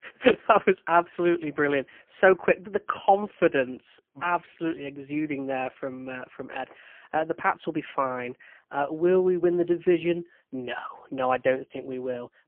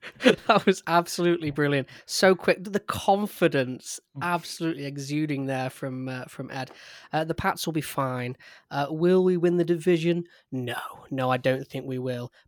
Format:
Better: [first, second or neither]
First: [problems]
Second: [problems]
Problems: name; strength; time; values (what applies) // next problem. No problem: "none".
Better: second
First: phone-call audio; poor line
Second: none